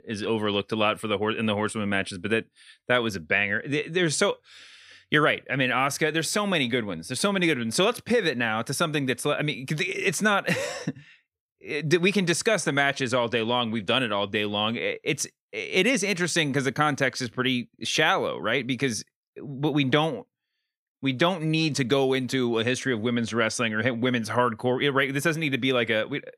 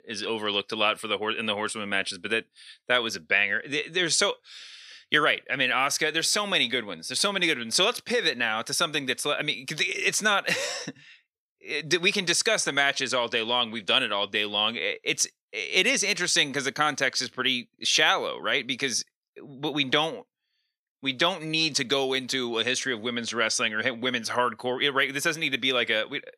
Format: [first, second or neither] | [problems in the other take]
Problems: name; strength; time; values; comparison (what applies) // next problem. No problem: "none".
first | thin; very slightly; fading below 900 Hz